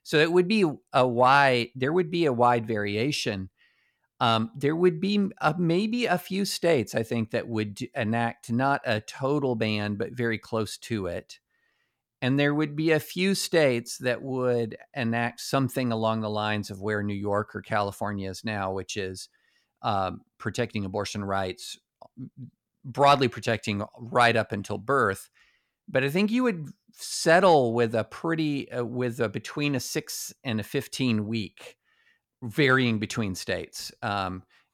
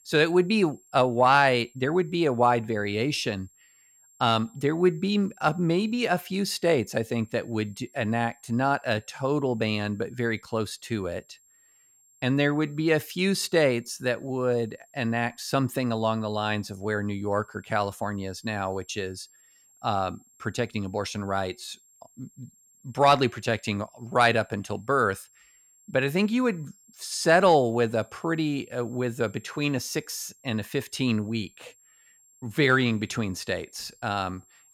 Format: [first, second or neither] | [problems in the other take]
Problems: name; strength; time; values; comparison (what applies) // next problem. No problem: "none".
first | high-pitched whine; faint; throughout; 7.5 kHz, 30 dB below the speech